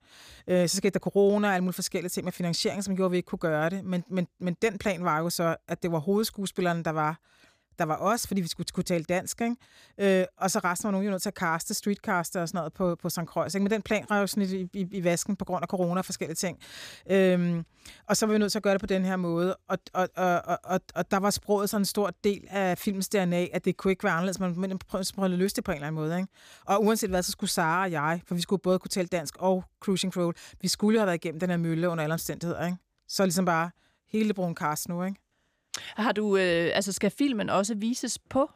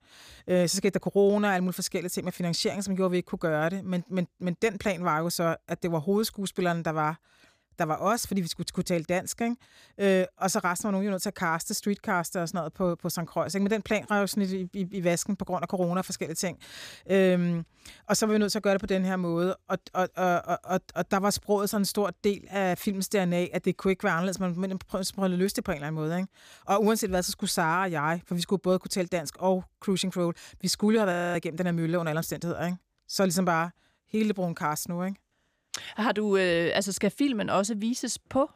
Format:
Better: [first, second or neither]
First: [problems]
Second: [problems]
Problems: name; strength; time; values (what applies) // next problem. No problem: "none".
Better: first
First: none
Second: audio freezing; at 31 s